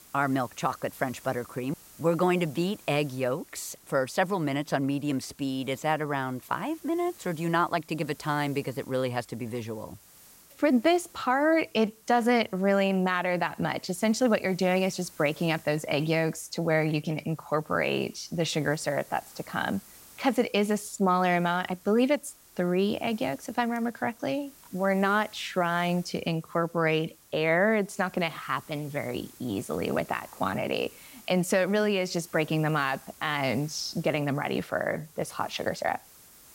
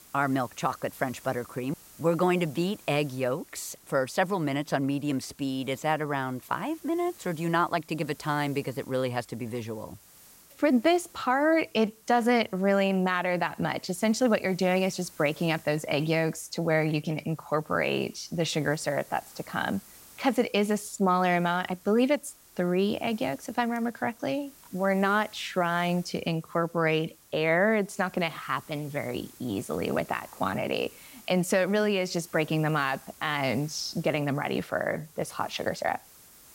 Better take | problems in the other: neither | hiss; faint; throughout; 25 dB below the speech; the same in both

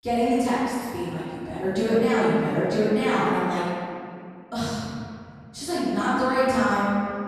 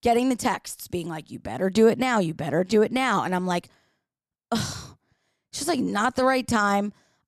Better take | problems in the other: second | off-mic speech; far // room echo; strong; dies away in 2.1 s

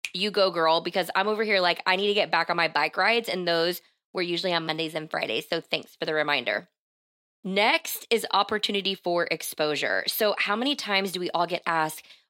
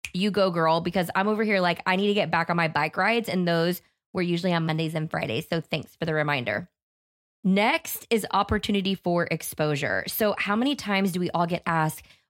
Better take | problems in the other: second | thin; somewhat; fading below 350 Hz

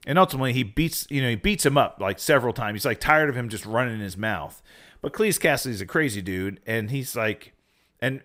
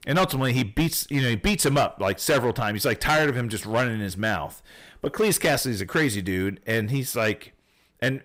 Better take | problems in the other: first | distortion; heavy; 7% of the sound clipped

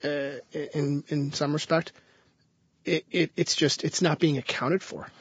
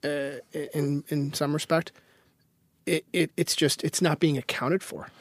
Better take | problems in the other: second | garbled, watery; badly; nothing above 7.5 kHz

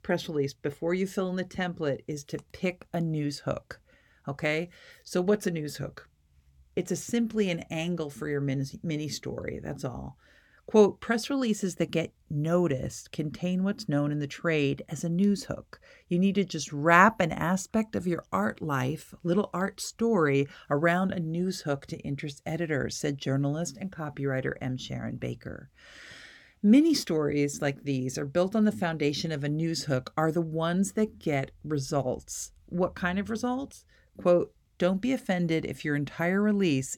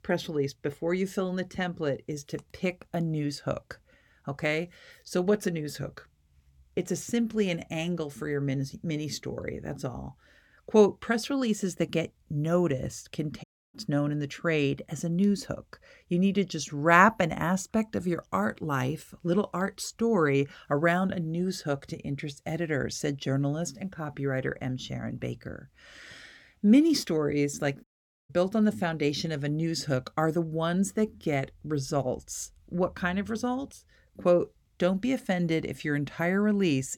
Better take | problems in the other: first | audio cutting out; at 13 s and at 28 s

